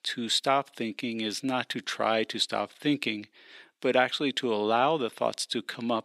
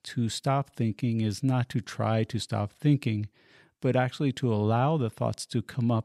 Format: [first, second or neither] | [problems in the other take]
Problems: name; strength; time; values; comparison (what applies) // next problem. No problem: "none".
second | thin; somewhat; fading below 300 Hz